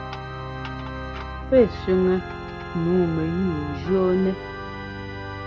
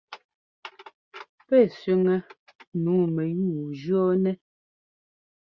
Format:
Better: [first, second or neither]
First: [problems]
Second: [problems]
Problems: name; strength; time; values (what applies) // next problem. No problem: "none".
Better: second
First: background sound (Organ); 8 dB below the speech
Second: none